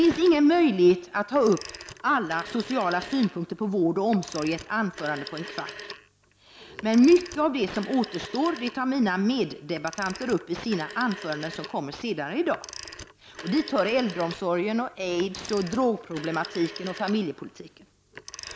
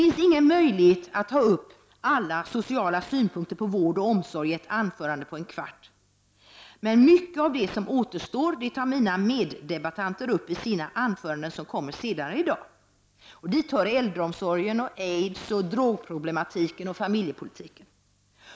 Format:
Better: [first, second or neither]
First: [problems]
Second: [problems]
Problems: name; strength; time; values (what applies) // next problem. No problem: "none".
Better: second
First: background sound (Telephone); 17 dB below the speech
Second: none